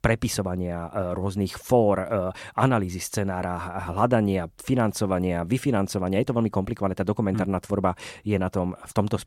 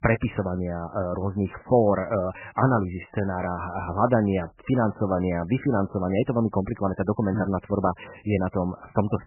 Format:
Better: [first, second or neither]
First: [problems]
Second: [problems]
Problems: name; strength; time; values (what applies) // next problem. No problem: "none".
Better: first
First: none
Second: garbled, watery; badly; nothing above 3 kHz